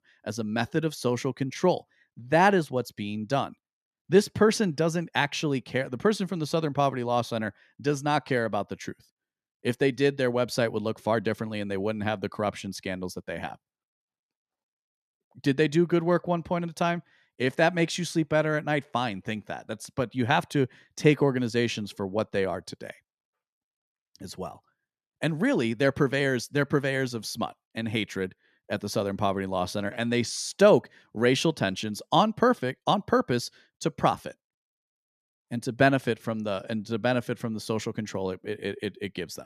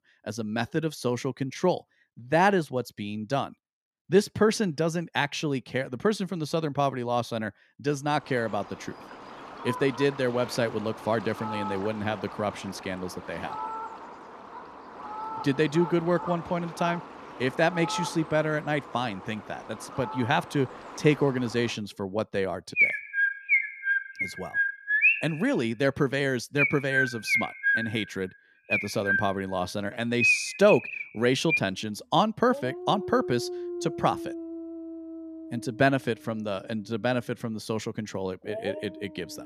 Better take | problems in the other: first | animal sounds; loud; from 8 s on; 1 dB below the speech

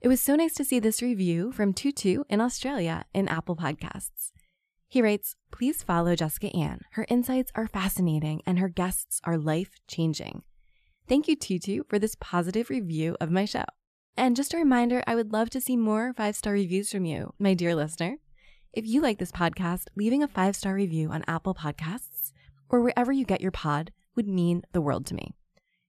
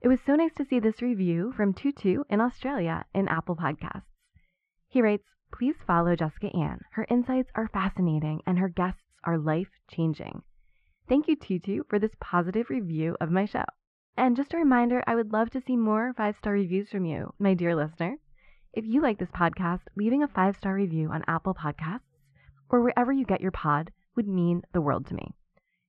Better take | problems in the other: first | muffled; very; fading above 2.5 kHz

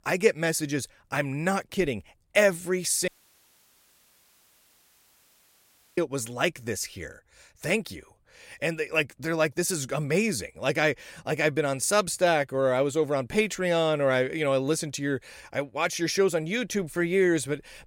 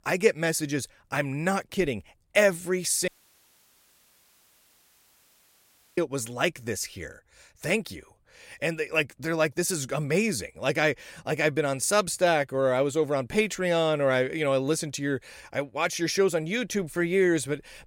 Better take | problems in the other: neither | audio cutting out; at 3 s for 3 s; the same in both

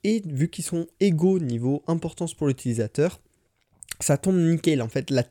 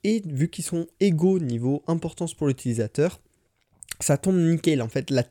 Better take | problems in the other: neither | none

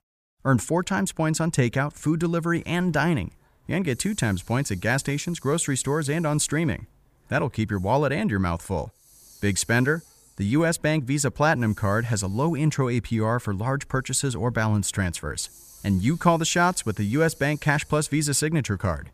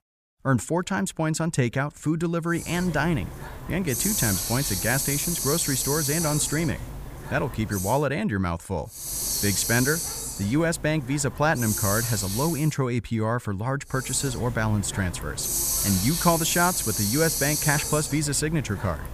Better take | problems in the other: first | hiss; loud; from 2.5 to 8 s, from 9 to 13 s and from 14 s on; 1 dB below the speech; faint in the first

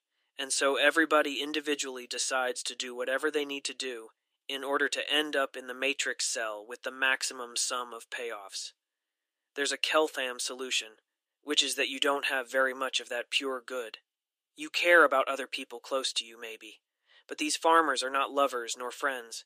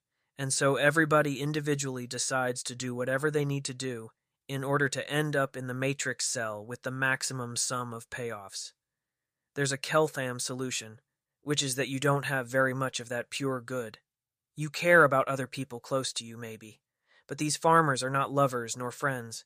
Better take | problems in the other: second | thin; somewhat; fading below 300 Hz

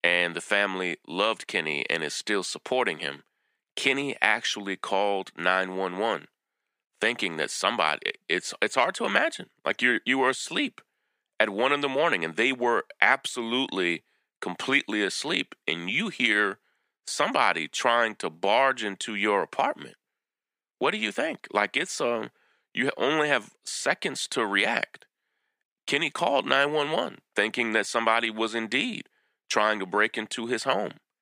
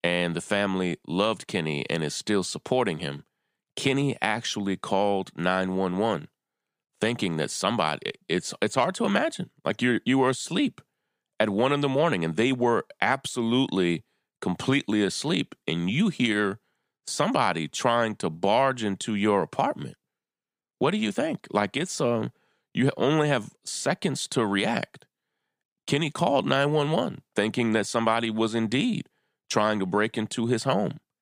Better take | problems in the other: second | thin; somewhat; fading below 300 Hz

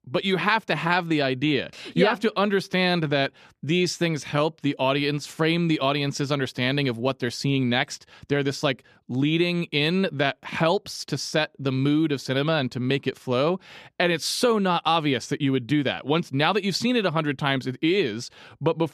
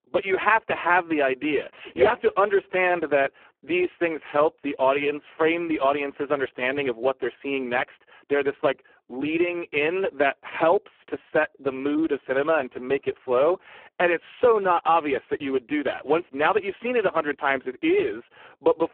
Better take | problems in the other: first | phone-call audio; poor line

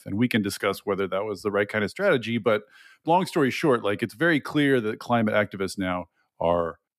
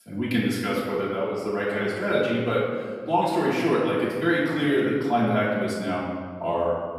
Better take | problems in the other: first | room echo; noticeable; dies away in 1.5 s // off-mic speech; far

